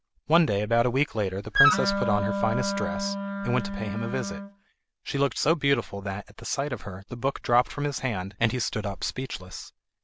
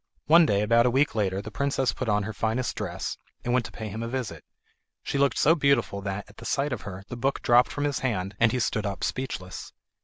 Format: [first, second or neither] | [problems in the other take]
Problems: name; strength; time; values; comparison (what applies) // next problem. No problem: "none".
second | background sound (Wind instrument, woodwind instrument); as loud as the speech